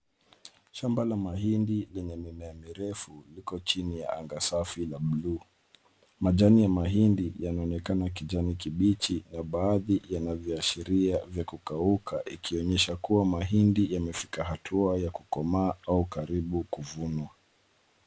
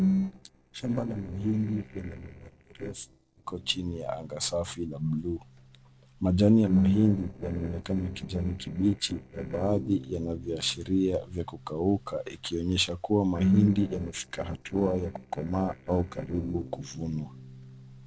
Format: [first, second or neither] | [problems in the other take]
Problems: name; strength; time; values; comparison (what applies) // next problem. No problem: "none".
first | noise reduction (neural separator model SepFormer DNS4)